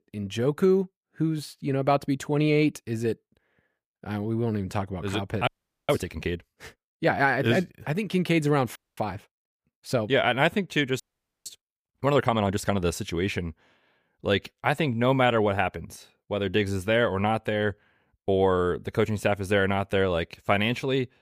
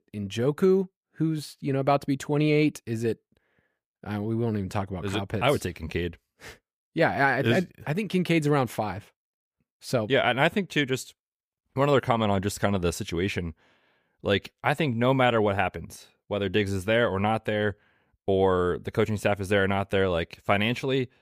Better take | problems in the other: second | audio freezing; at 5.5 s, at 9 s and at 11 s

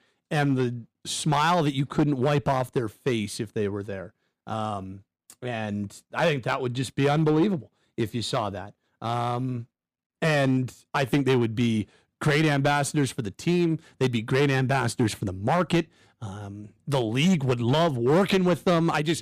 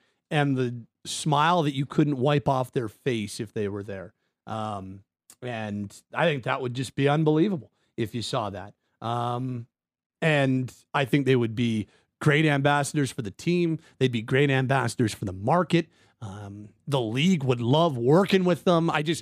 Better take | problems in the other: second | distortion; slight; 5% of the sound clipped

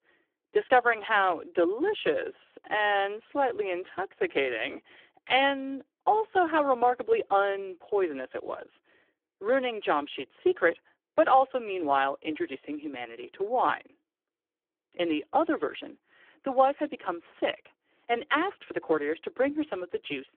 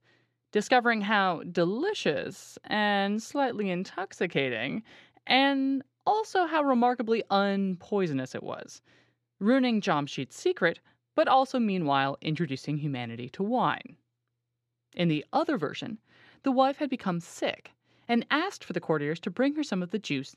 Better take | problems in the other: second | phone-call audio; poor line

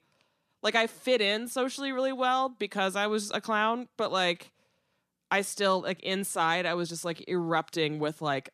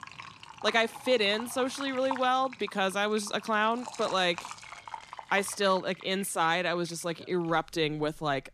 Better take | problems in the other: first | household noises; noticeable; throughout; 15 dB below the speech

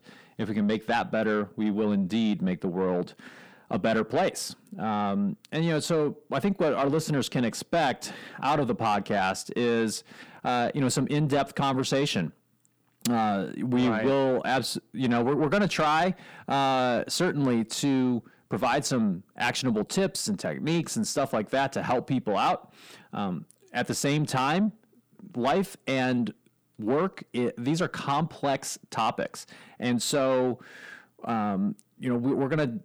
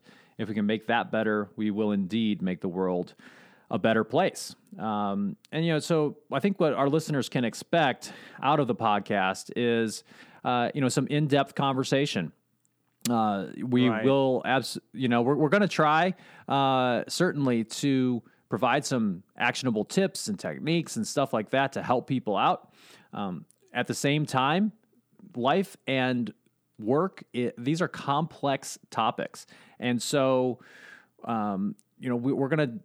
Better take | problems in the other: second | distortion; slight; 10 dB below the speech

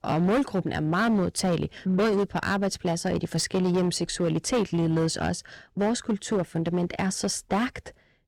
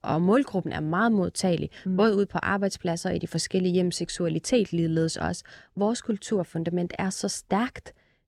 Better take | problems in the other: second | distortion; slight; 13% of the sound clipped

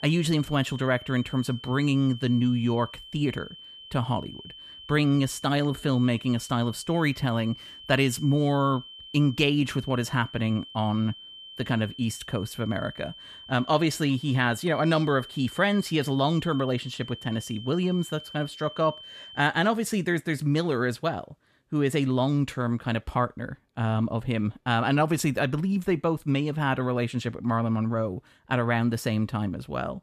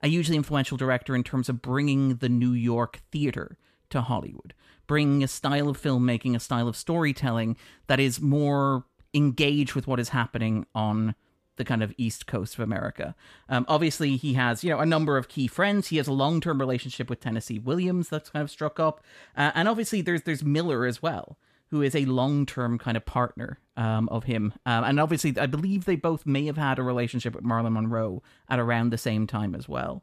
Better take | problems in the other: second | high-pitched whine; noticeable; until 19 s; 3 kHz, 15 dB below the speech

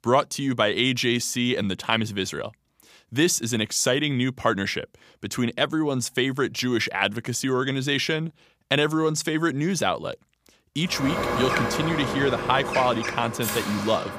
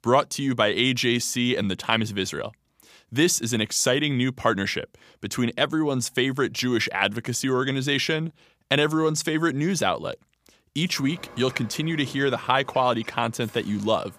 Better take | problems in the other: second | alarms or sirens; loud; from 11 s on; 4 dB below the speech; faint in the second

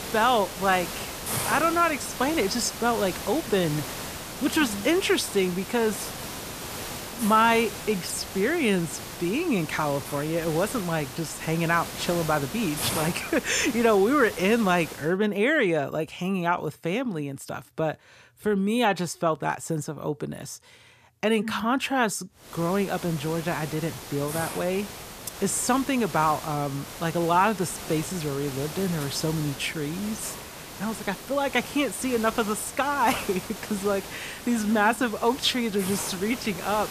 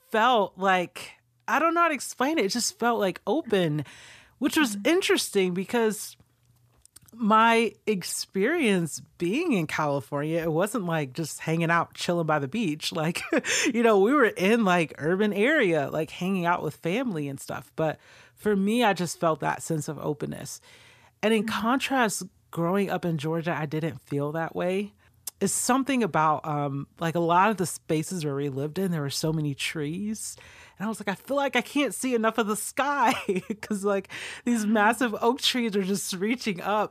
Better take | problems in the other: second | hiss; loud; until 15 s and from 22 s on; 9 dB below the speech

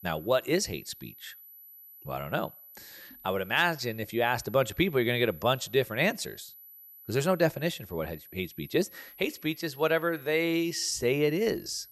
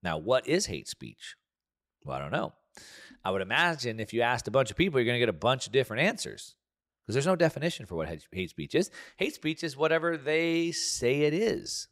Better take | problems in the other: second | high-pitched whine; noticeable; throughout; 12 kHz, 20 dB below the speech

